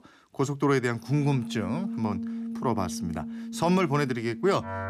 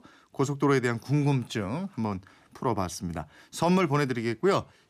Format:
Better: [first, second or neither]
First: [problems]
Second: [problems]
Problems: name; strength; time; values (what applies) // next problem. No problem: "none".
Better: second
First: background music; loud; from 1.5 s on; 8 dB below the speech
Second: none